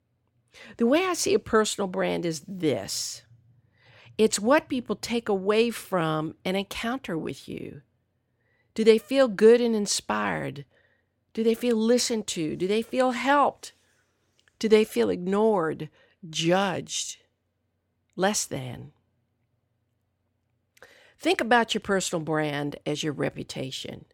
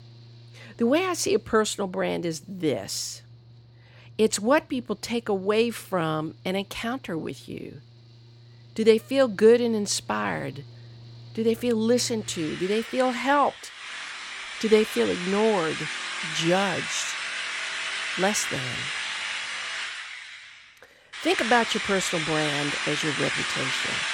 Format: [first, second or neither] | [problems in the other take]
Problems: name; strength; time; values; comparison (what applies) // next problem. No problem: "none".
first | machinery noise; loud; throughout; 4 dB below the speech